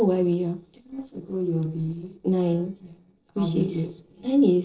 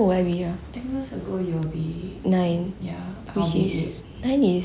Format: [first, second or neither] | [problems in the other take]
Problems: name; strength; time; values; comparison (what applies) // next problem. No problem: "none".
second | noise reduction (neural separator model SepFormer DNS4)